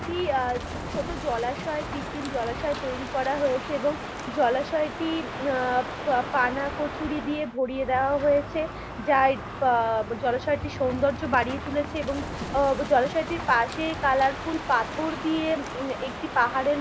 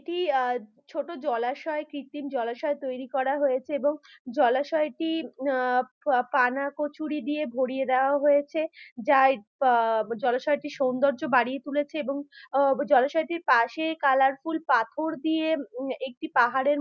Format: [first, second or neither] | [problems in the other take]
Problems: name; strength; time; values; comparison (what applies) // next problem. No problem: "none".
second | background sound (Crow); 8 dB below the speech